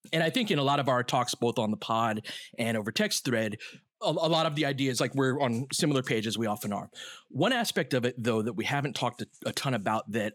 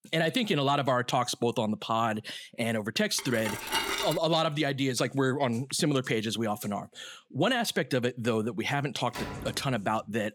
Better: first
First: none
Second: clattering dishes; loud; at 3 s; peak level with the speech // door banging; noticeable; at 9 s; peak 9 dB below the speech

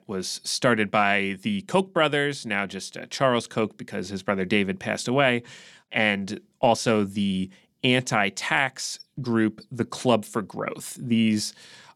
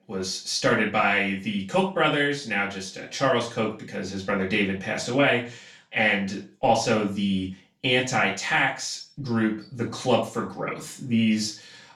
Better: first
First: none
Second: room echo; slight; dies away in 0.3 s // off-mic speech; far

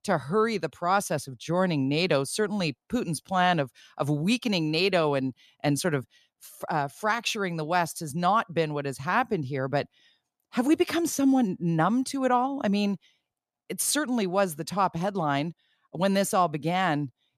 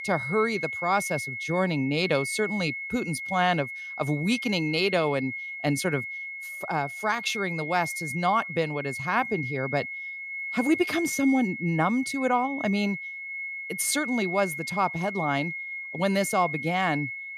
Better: first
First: none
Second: high-pitched whine; loud; throughout; 2 kHz, 6 dB below the speech

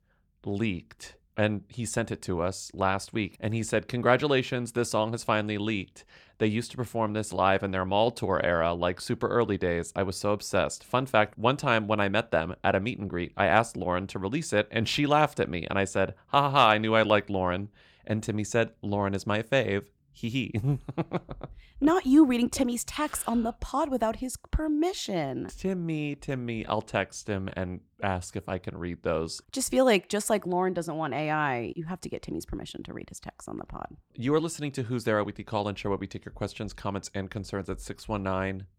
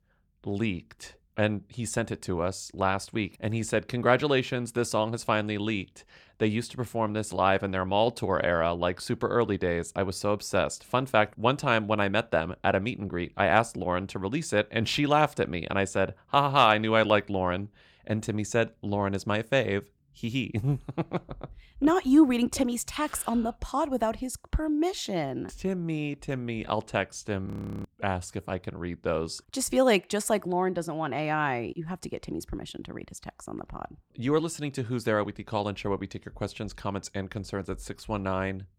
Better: first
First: none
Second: audio freezing; at 27 s

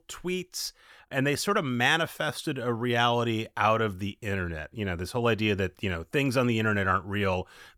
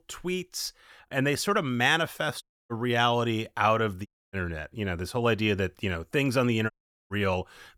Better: first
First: none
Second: audio cutting out; at 2.5 s, at 4 s and at 6.5 s

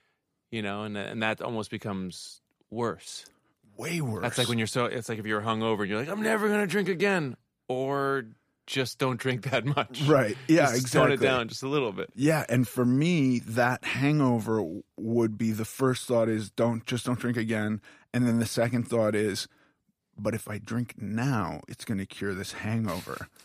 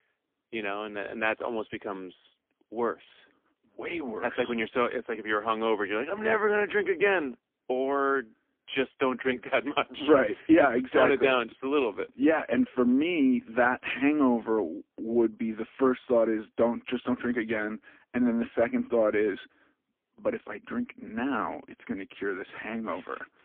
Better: first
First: none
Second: phone-call audio; poor line; nothing above 3.5 kHz

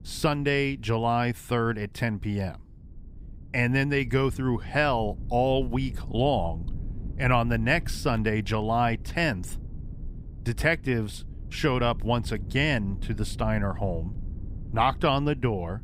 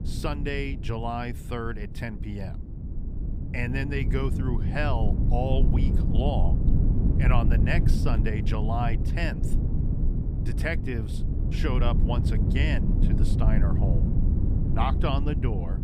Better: first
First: low rumble; faint; throughout; 25 dB below the speech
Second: low rumble; loud; throughout; 6 dB below the speech

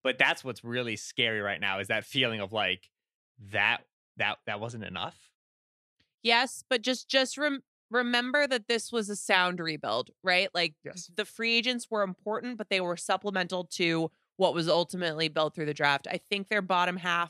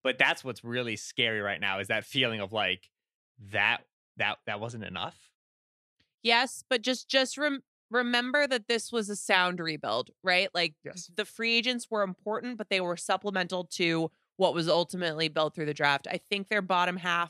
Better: neither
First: none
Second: none

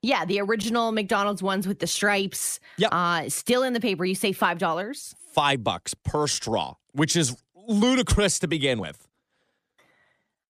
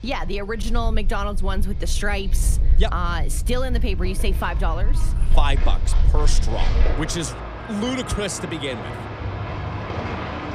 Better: first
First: none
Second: animal sounds; very loud; throughout; 2 dB above the speech

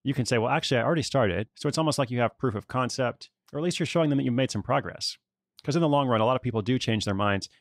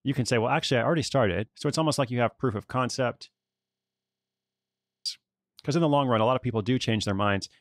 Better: first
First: none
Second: audio freezing; at 3.5 s for 1.5 s

